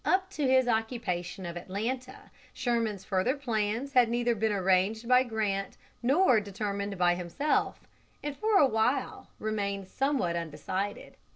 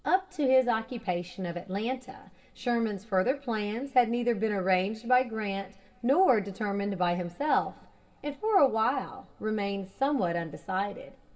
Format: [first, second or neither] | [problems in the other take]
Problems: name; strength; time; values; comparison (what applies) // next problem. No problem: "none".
first | room echo; dies away in 2 s